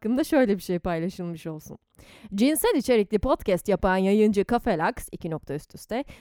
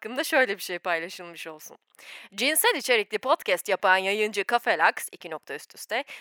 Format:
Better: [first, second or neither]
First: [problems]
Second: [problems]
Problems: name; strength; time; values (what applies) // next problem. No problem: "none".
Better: first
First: none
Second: thin; very; fading below 750 Hz